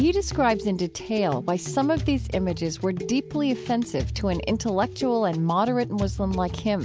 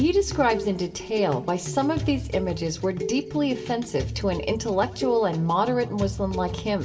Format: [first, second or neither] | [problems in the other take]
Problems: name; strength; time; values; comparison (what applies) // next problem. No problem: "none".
first | room echo; dies away in 2.8 s